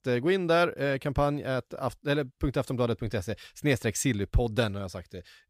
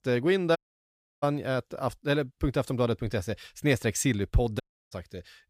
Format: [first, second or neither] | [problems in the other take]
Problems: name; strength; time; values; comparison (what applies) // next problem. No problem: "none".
first | audio cutting out; at 0.5 s for 0.5 s and at 4.5 s